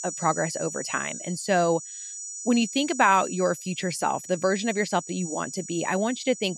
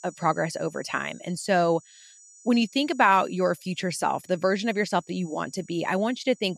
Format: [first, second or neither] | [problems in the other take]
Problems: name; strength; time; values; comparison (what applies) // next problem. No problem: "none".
second | high-pitched whine; loud; throughout; 7 kHz, 9 dB below the speech; faint in the second